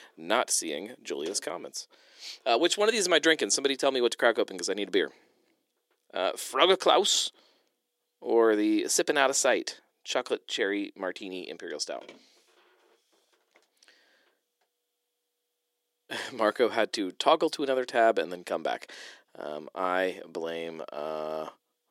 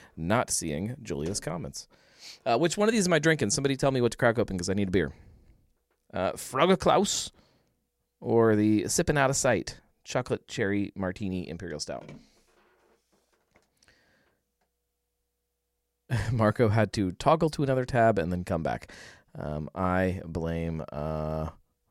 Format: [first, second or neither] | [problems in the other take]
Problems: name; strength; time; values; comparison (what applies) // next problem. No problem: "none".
second | thin; somewhat; fading below 350 Hz